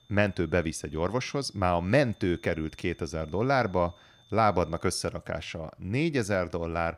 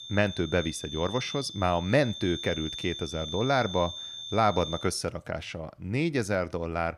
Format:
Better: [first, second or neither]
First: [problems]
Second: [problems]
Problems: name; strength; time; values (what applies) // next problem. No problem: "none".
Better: first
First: high-pitched whine; faint; until 5 s; 3.5 kHz, 30 dB below the speech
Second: high-pitched whine; loud; until 5 s; 3.5 kHz, 8 dB below the speech